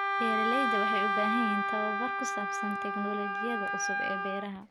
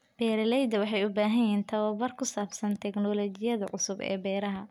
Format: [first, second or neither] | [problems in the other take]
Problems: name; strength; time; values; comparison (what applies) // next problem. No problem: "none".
second | background sound (Wind instrument, woodwind instrument); 4 dB above the speech